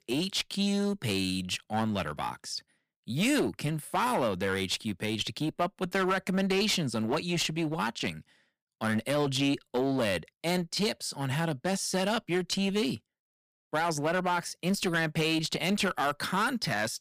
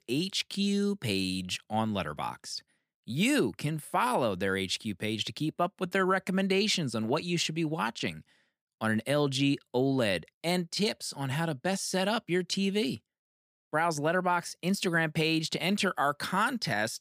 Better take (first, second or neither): second